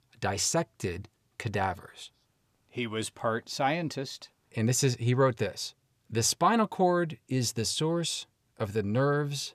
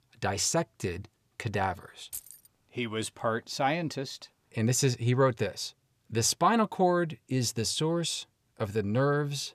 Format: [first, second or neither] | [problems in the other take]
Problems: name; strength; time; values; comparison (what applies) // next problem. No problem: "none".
first | jangling keys; faint; at 2 s; peak 10 dB below the speech